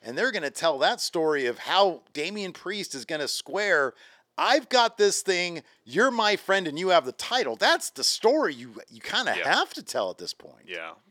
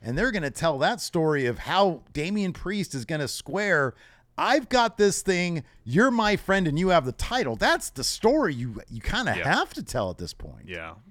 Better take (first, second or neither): second